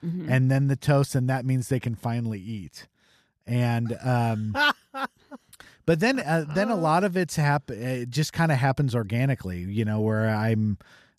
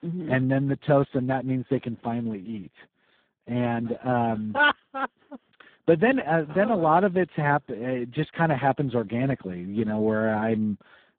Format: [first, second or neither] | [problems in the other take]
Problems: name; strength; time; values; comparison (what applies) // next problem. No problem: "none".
first | phone-call audio; poor line